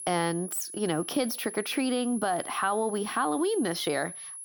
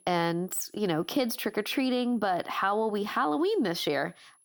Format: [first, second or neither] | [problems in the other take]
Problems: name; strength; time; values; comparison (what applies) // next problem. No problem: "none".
second | high-pitched whine; loud; throughout; 10.5 kHz, 10 dB below the speech; faint in the second